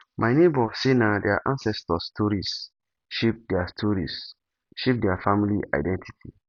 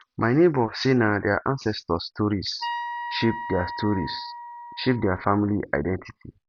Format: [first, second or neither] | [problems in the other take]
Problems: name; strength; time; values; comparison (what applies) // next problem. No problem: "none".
first | background sound (Wind instrument, woodwind instrument); 10 dB below the speech